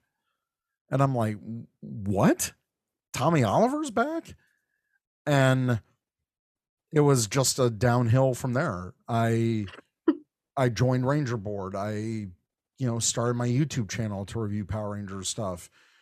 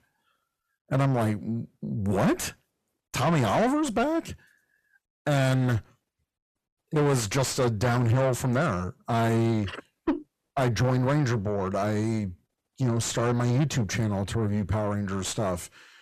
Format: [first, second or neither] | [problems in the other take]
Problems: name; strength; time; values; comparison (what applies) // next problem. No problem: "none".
first | distortion; heavy; 6 dB below the speech